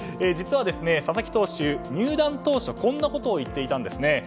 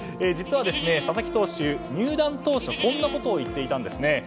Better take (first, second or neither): first